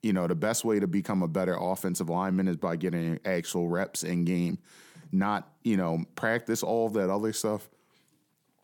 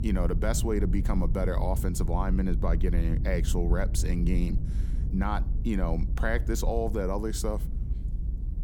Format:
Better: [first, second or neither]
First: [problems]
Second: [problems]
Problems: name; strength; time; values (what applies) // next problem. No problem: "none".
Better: first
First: none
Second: low rumble; noticeable; throughout; 15 dB below the speech